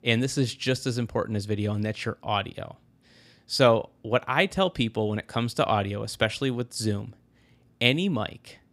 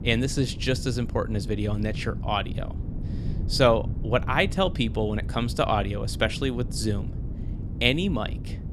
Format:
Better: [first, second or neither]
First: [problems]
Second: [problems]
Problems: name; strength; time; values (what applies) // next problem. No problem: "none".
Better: first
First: none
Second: wind noise on the microphone; occasional gusts; 20 dB below the speech